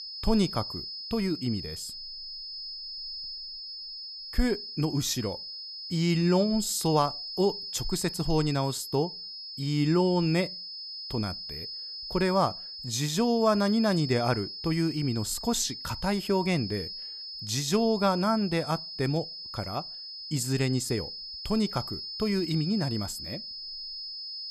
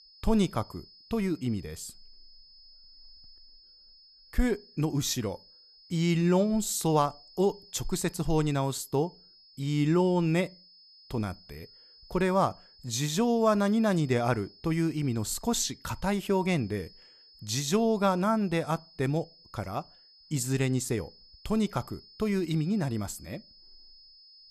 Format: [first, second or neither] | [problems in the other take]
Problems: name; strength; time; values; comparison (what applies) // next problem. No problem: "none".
second | high-pitched whine; loud; throughout; 5 kHz, 8 dB below the speech; faint in the second